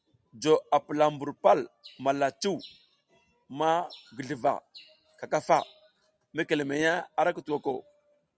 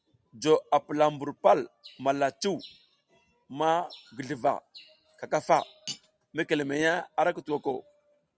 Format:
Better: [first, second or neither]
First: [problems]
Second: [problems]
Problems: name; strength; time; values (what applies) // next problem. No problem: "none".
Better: first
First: none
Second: background sound (Cutlery, silverware); 19 dB below the speech